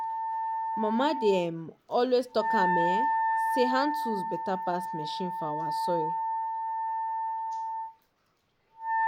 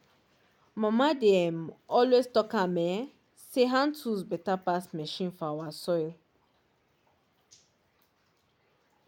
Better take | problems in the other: second | background sound (Wind instrument, woodwind instrument); 1 dB above the speech

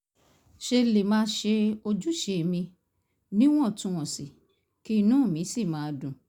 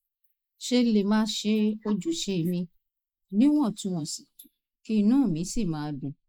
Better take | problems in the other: first | noise reduction (neural mask model Resemble Enhance denoiser)

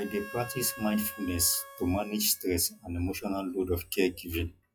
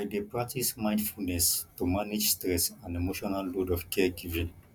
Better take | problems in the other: second | noise reduction (classical method log-MMSE)

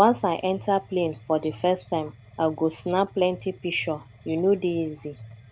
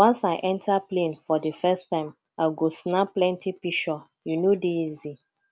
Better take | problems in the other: second | background sound (Mechanisms); 20 dB below the speech

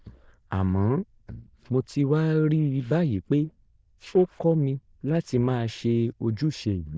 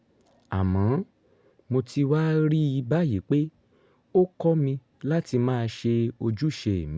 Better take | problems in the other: second | noise reduction (neural diffusion model UNIVERSE++)

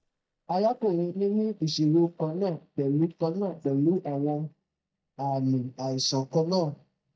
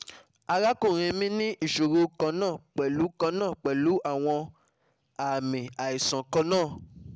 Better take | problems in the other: second | noise reduction (neural mask model DeepFilterNet 3)

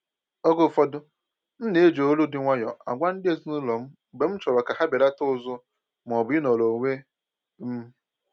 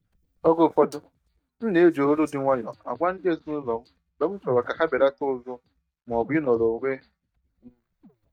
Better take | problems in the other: first | noise reduction (neural mask model DeepFilterNet 3)

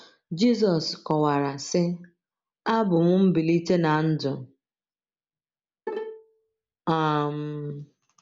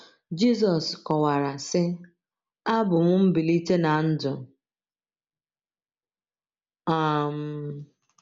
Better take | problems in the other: second | background sound (Bowed string instrument); 11 dB below the speech

